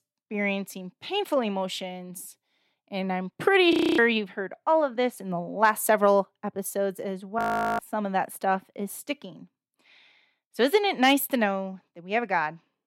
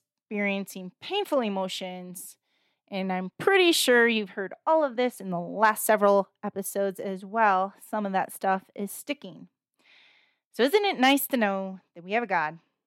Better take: second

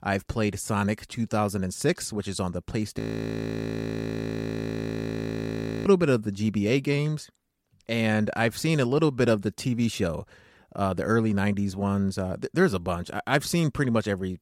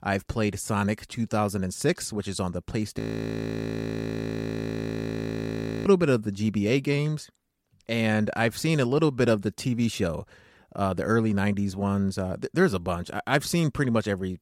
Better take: neither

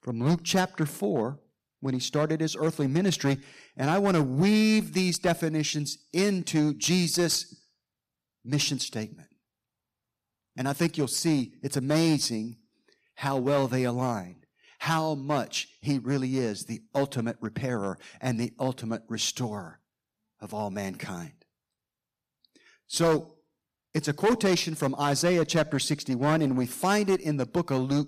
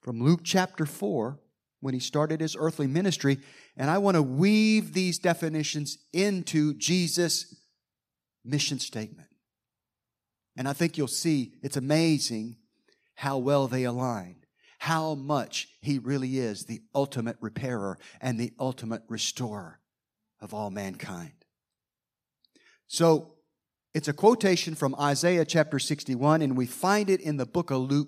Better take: second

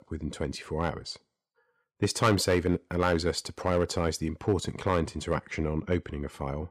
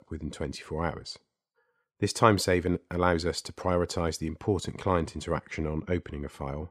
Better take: second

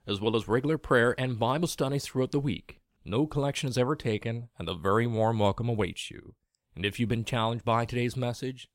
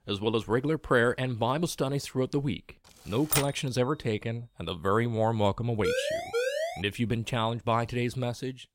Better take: first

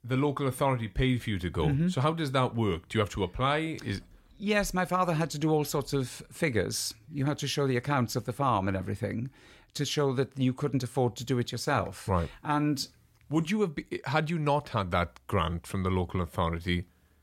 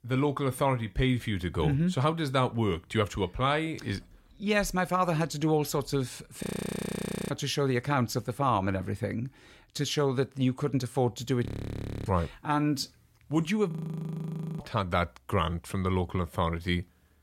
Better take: first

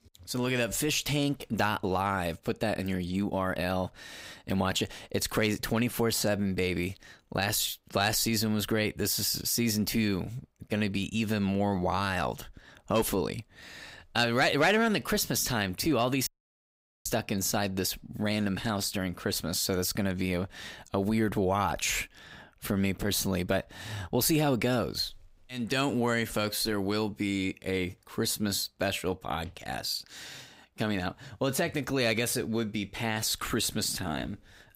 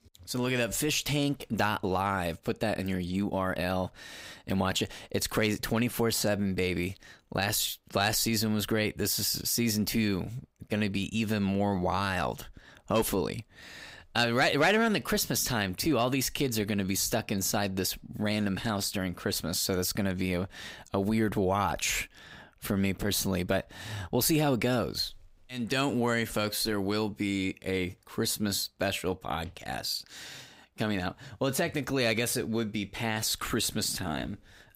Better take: second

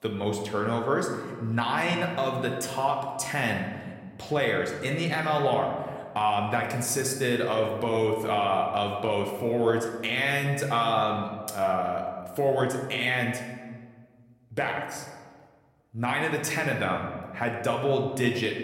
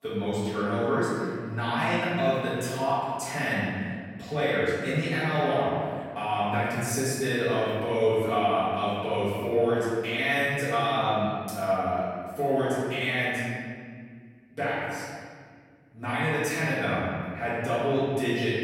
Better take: first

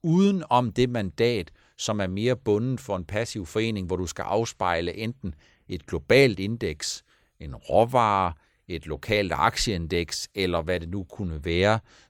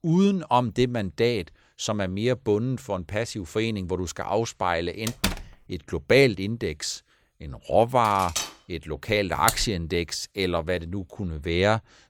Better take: first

